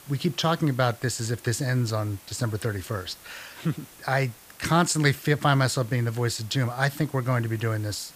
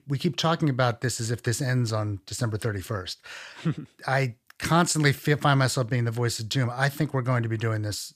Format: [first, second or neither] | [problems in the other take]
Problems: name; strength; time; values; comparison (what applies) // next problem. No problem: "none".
second | hiss; faint; throughout; 20 dB below the speech